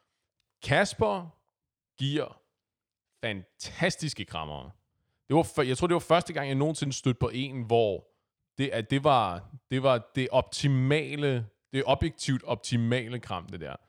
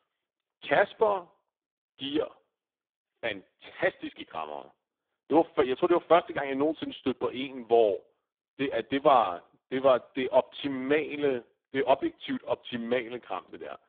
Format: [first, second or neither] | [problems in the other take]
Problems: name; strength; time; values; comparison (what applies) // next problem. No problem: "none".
first | phone-call audio; poor line